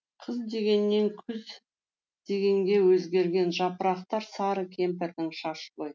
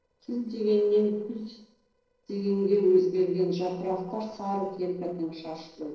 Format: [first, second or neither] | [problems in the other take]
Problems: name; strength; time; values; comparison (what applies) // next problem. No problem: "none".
first | noise reduction (neural separator model SepFormer DNS4)